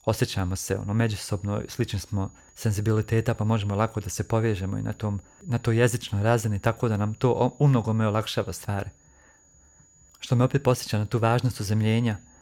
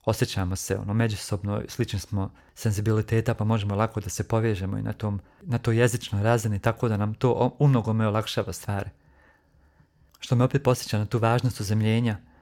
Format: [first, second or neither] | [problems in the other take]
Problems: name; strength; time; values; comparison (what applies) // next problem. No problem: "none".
second | high-pitched whine; faint; throughout; 7 kHz, 30 dB below the speech